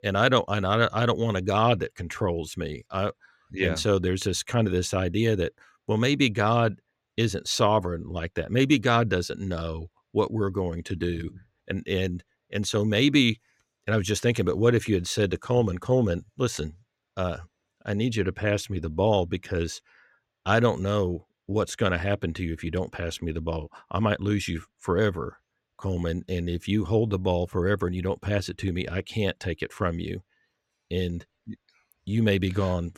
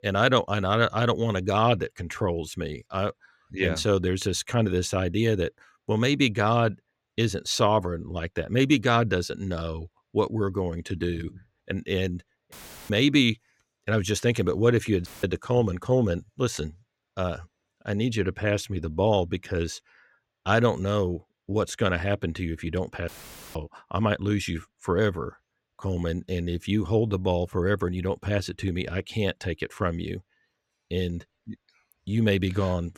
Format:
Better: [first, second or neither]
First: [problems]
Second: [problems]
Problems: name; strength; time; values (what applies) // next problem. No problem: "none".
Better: first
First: none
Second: audio cutting out; filled with static; at 13 s, at 15 s and at 23 s